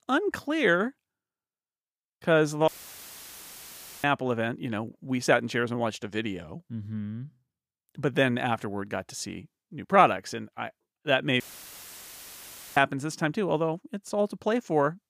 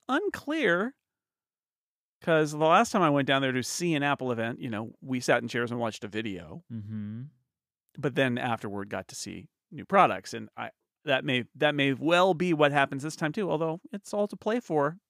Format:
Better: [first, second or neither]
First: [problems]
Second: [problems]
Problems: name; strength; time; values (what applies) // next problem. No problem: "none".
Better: second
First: audio cutting out; filled with static; at 2.5 s for 1.5 s and at 11 s for 1.5 s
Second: none